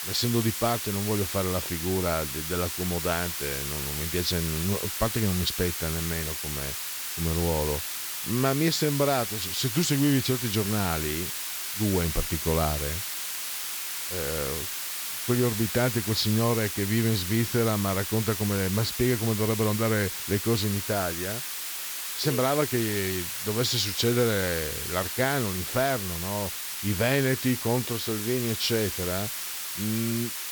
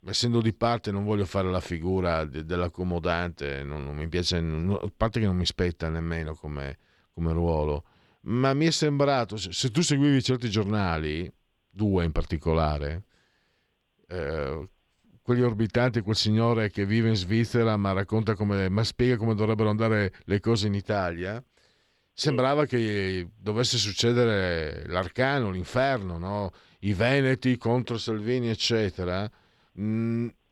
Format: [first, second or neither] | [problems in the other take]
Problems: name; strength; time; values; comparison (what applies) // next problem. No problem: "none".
second | hiss; loud; throughout; 3 dB below the speech